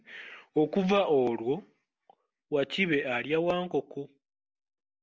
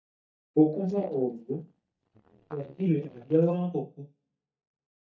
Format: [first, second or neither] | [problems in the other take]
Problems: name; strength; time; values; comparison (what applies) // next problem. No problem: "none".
first | noise reduction (neural mask model DeepFilterNet 3)